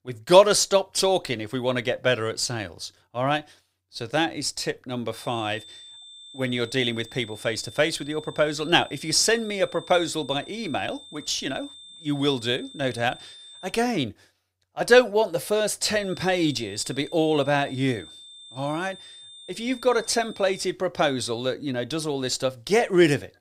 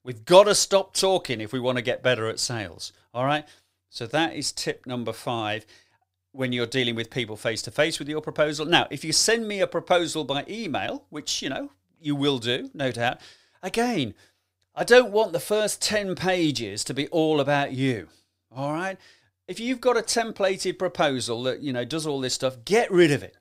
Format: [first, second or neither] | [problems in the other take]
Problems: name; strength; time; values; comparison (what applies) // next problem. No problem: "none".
second | high-pitched whine; noticeable; from 5 to 14 s and from 16 to 21 s; 3.5 kHz, 20 dB below the speech